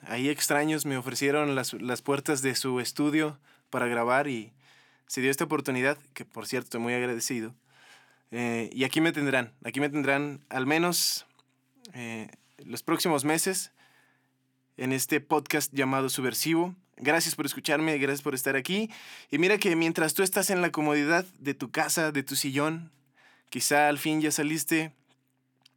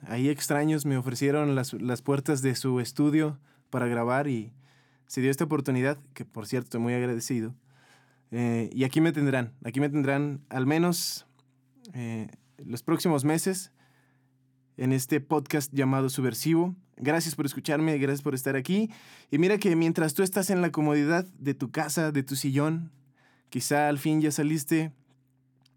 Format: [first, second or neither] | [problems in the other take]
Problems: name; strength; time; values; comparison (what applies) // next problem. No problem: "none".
second | thin; very slightly; fading below 550 Hz